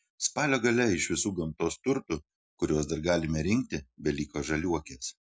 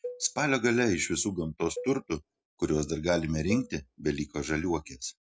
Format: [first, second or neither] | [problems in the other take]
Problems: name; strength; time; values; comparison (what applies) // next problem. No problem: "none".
first | background sound (Cowbell); 17 dB below the speech